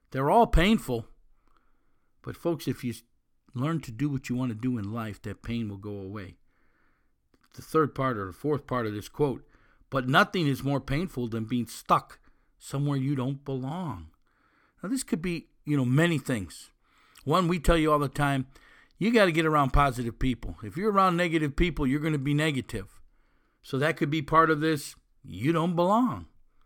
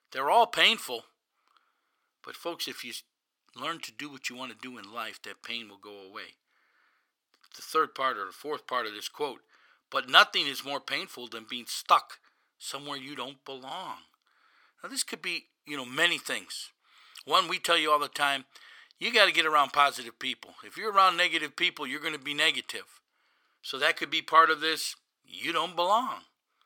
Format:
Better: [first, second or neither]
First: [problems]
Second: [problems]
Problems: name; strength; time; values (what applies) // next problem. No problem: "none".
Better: first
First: none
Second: thin; very; fading below 700 Hz